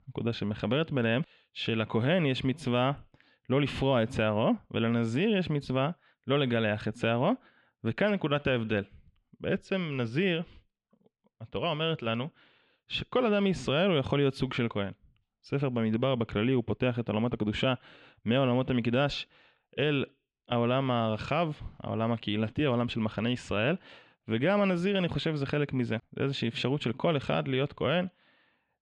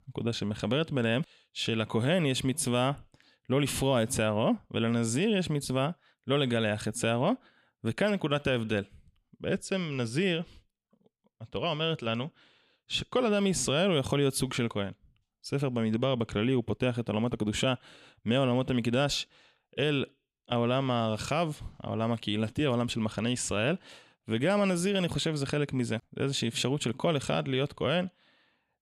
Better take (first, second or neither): second